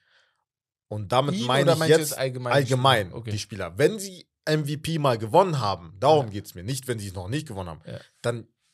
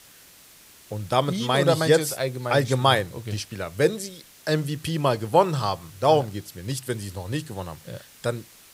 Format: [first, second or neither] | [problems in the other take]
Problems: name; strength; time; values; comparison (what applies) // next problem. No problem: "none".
first | hiss; faint; throughout; 25 dB below the speech